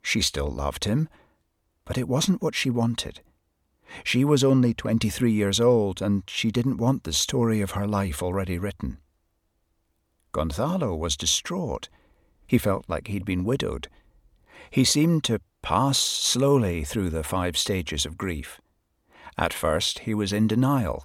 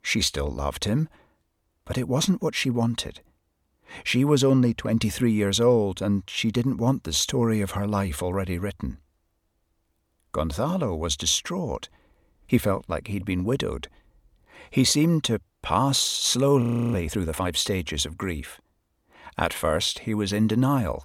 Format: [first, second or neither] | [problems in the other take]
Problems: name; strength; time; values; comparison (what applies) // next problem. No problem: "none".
first | audio freezing; at 17 s